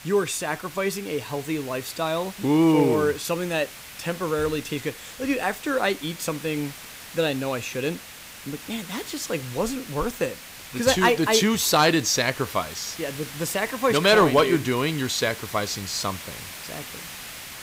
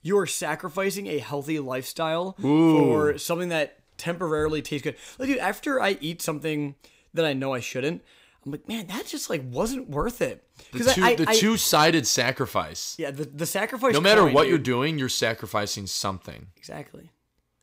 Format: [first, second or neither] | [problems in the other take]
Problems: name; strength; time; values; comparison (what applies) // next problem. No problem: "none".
second | hiss; noticeable; throughout; 15 dB below the speech